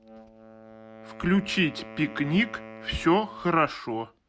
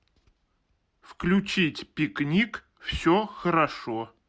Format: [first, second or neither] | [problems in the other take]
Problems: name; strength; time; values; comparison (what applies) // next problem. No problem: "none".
second | background sound (Wind instrument, woodwind instrument); 17 dB below the speech